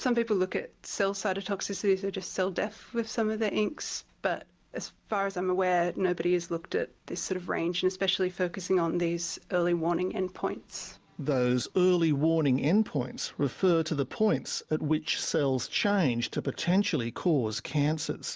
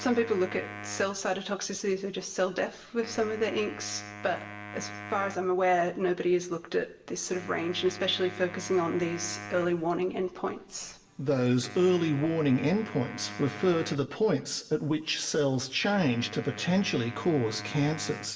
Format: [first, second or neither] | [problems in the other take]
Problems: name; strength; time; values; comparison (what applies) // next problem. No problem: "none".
first | background sound (Wind instrument, woodwind instrument); 15 dB below the speech // room echo; dies away in 0.7 s